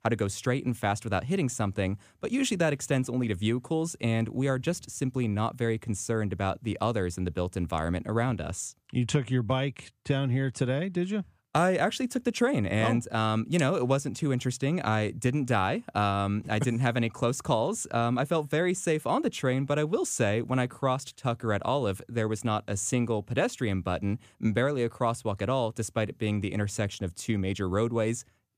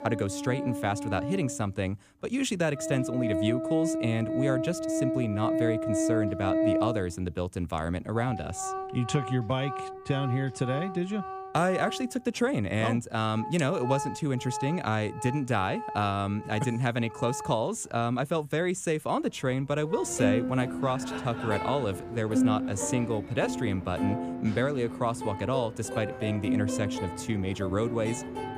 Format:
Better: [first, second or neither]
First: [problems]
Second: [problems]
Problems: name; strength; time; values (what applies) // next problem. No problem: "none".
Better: first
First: none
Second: background music; loud; throughout; 3 dB below the speech